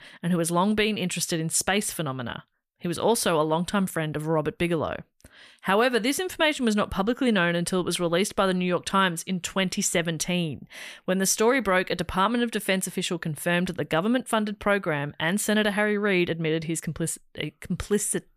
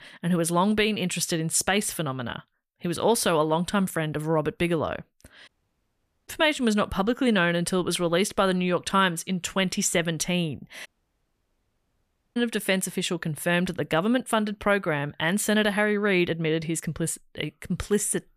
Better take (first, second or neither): first